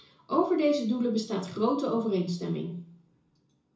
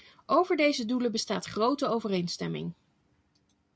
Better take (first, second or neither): second